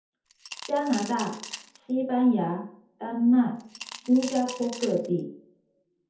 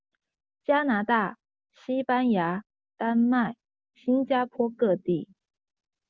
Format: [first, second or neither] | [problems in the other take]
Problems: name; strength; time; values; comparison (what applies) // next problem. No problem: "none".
second | background sound (Coin (dropping) / Glass); 15 dB below the speech // room echo; dies away in 0.5 s